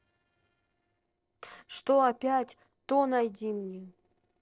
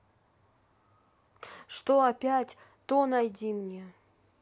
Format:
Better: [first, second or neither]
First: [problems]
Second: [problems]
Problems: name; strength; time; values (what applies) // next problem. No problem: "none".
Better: second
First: noise reduction (neural separator model SepFormer DNS4)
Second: none